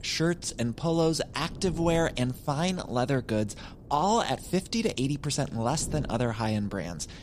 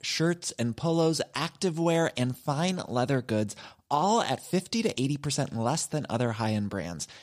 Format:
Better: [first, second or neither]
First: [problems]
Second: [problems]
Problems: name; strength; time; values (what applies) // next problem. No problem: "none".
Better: second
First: wind noise on the microphone; occasional gusts; 20 dB below the speech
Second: none